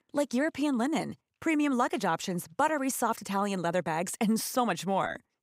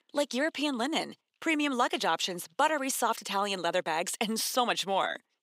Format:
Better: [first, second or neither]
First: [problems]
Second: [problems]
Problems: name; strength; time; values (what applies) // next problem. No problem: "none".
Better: first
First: none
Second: thin; very slightly; fading below 300 Hz